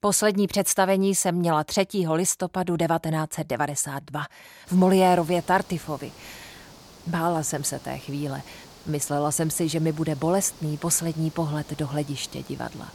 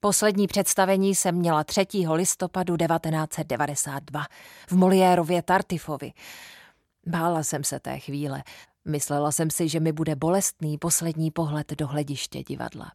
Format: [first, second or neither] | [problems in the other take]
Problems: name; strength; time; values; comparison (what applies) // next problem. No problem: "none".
second | hiss; faint; from 4.5 s on; 20 dB below the speech